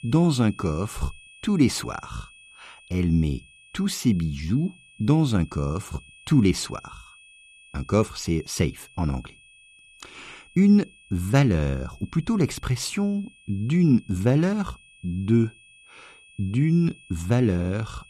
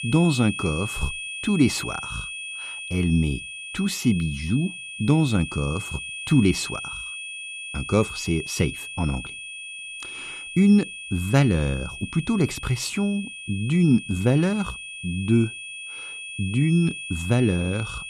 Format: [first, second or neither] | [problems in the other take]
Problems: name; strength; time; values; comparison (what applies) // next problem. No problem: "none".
first | high-pitched whine; loud; throughout; 2.5 kHz, 9 dB below the speech; faint in the first